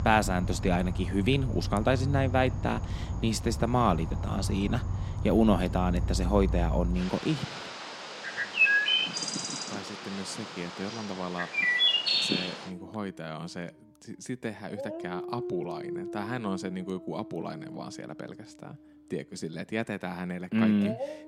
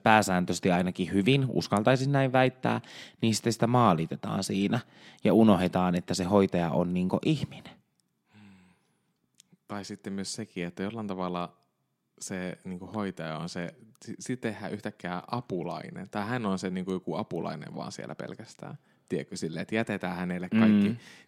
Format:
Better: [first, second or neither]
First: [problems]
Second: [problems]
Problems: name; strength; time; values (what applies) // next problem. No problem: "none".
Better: second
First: animal sounds; very loud; throughout; as loud as the speech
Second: none